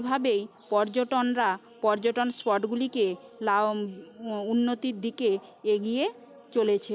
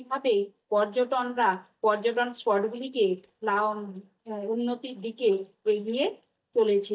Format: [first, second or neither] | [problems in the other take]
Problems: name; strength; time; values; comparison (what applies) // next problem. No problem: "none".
first | noise reduction (neural mask model DeepFilterNet 3)